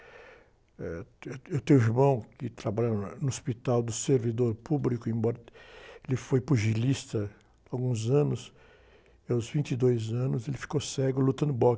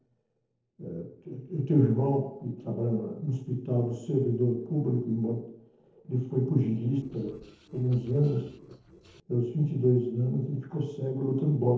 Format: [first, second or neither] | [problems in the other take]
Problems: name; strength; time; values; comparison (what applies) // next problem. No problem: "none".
first | noise reduction (neural separator model SepFormer DNS4)